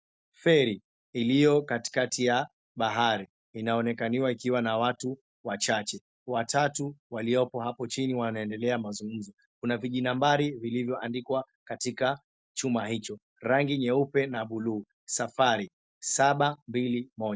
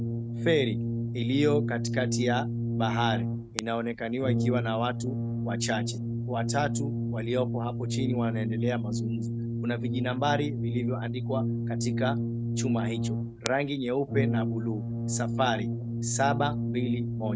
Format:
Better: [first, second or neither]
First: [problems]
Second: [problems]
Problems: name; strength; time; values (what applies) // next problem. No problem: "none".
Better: first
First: none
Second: background sound (Brass instrument); 1 dB above the speech